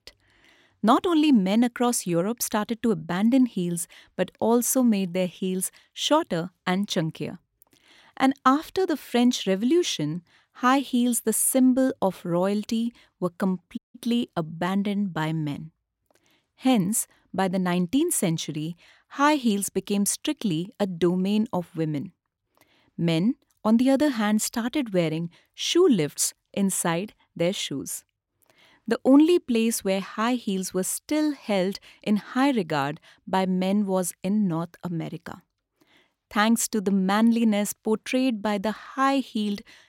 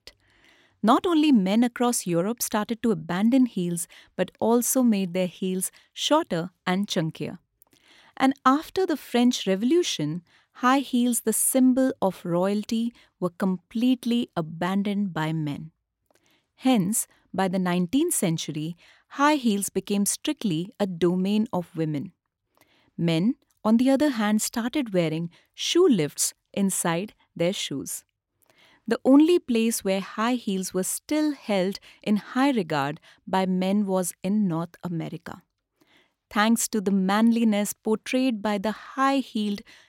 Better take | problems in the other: second | audio cutting out; at 14 s

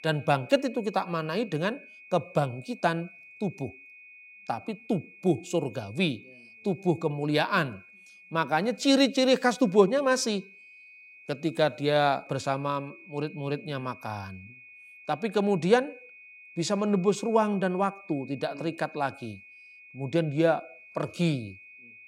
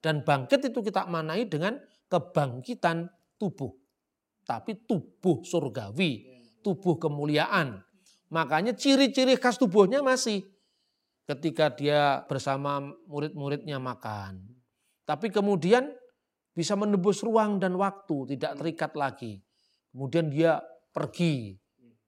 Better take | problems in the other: second | high-pitched whine; faint; throughout; 2.5 kHz, 20 dB below the speech

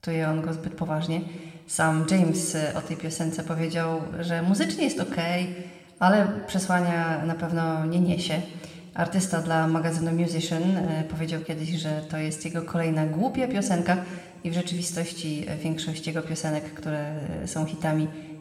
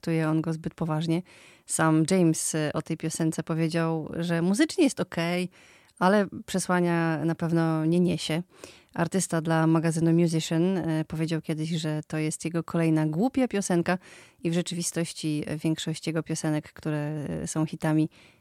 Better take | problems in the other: second | room echo; slight; dies away in 1.3 s

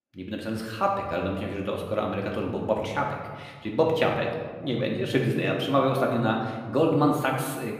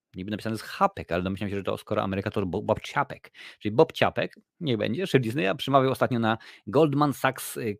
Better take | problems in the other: second | room echo; noticeable; dies away in 1.2 s // off-mic speech; somewhat distant

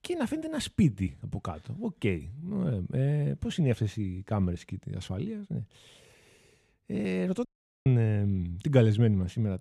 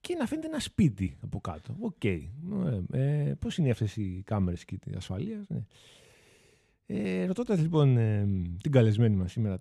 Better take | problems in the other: second | audio cutting out; at 7.5 s

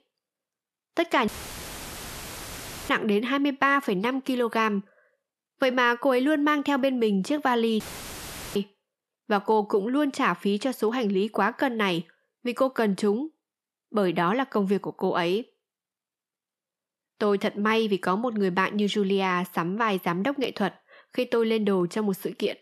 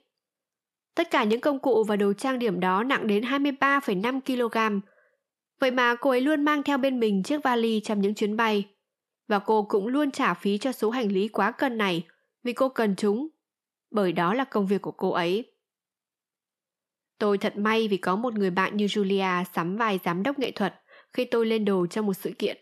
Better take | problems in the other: second | audio cutting out; filled with static; at 1.5 s for 1.5 s and at 8 s for 1 s

